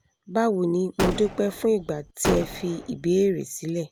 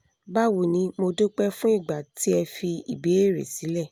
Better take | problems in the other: second | background sound (Gunshot, gunfire); 7 dB below the speech

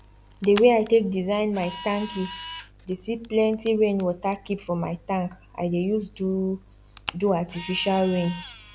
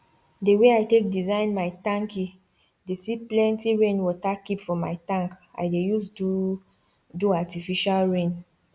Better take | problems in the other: second | background sound (Camera); 17 dB below the speech

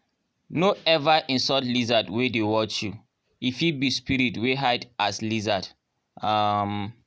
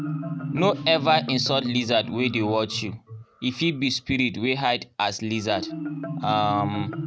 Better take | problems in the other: first | background sound (Marimba, xylophone); 8 dB below the speech

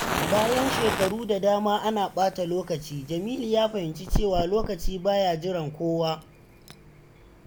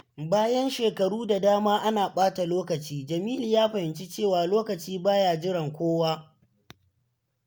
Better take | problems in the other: second | background sound (Fire); 6 dB below the speech

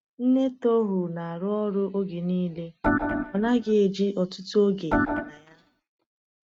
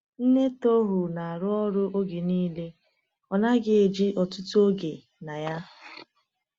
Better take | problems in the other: second | noise reduction (neural mask model RNNoise)

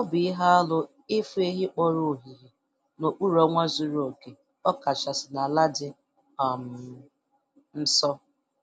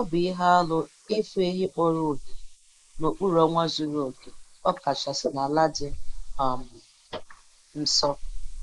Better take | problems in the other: first | noise reduction (neural mask model Resemble Enhance denoiser)

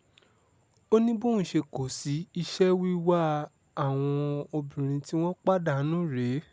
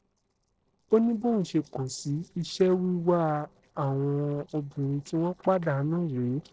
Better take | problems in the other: first | noise reduction (neural separator model SepFormer DNS4)

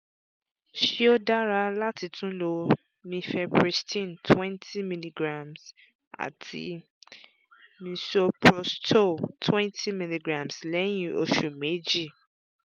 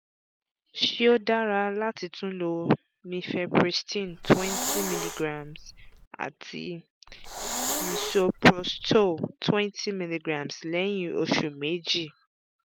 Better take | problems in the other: first | background sound (Hiss); 6 dB below the speech

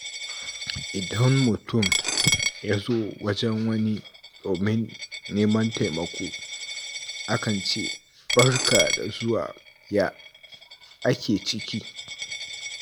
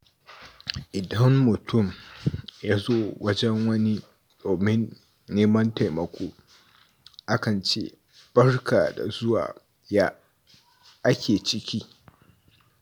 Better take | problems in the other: second | background sound (Coin (dropping)); 5 dB below the speech

